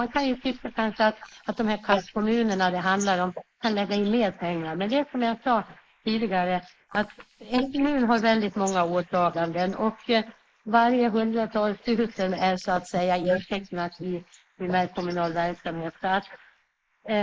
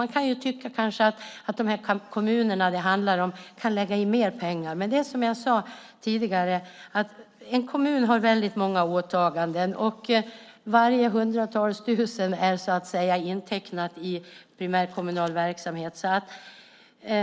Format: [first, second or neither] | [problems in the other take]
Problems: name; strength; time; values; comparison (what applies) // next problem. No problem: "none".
second | noise reduction (neural mask model Resemble Enhance denoiser)